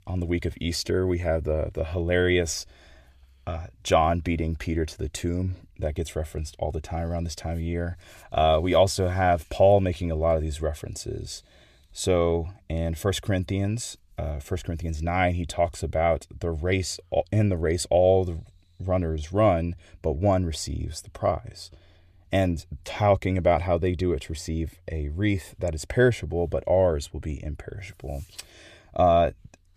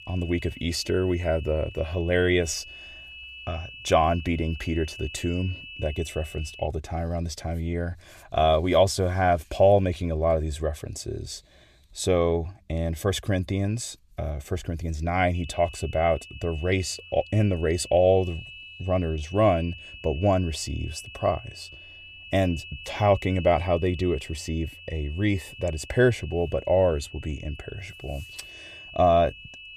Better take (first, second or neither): first